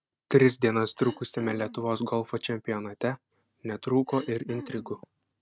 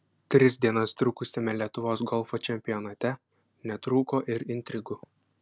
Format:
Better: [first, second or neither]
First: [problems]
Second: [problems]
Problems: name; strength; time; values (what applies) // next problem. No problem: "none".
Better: second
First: noise reduction (neural mask model RNNoise)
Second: none